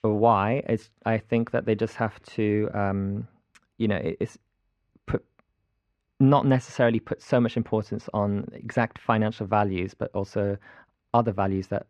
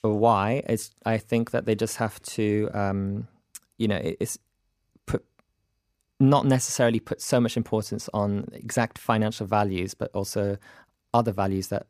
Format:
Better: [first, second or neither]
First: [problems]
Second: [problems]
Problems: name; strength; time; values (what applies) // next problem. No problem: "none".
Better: second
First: muffled; very; fading above 2.5 kHz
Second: none